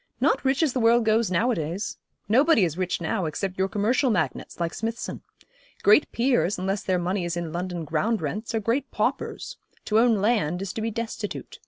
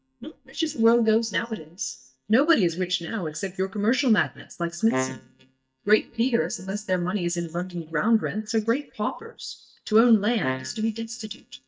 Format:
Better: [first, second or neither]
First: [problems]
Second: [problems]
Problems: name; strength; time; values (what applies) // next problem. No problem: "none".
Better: first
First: none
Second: noise reduction (neural mask model DeepFilterNet 3)